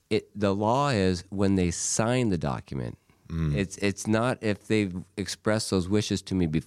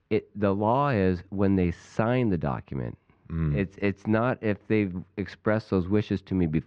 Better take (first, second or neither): first